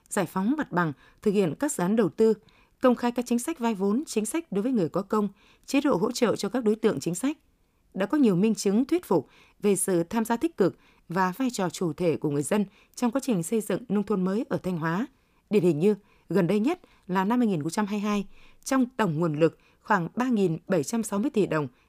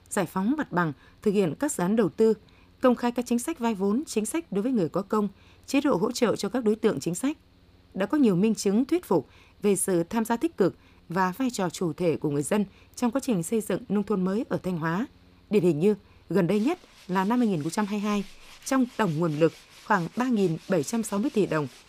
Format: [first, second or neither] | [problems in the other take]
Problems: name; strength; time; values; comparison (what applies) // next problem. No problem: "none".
first | machinery noise; faint; throughout; 25 dB below the speech